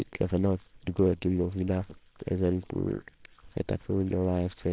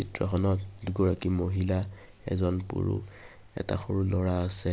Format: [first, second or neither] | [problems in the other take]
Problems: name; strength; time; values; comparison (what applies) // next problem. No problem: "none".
second | noise reduction (neural separator model SepFormer WHAMR!)